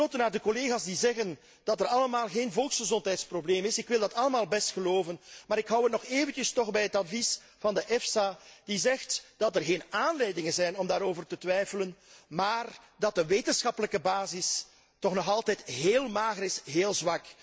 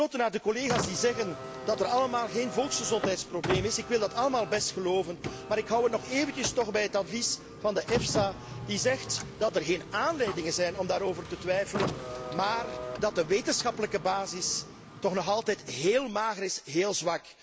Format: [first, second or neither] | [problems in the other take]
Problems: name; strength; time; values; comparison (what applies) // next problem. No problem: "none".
first | background sound (Car); 9 dB below the speech